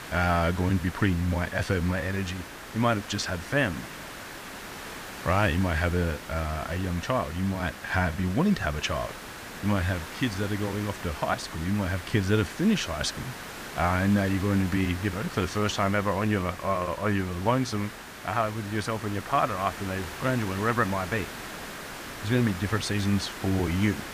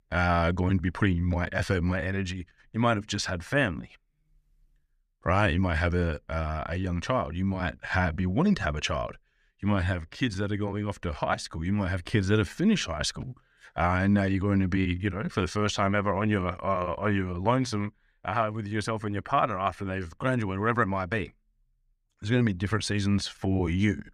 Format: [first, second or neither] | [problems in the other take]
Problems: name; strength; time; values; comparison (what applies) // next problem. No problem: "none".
second | hiss; noticeable; throughout; 10 dB below the speech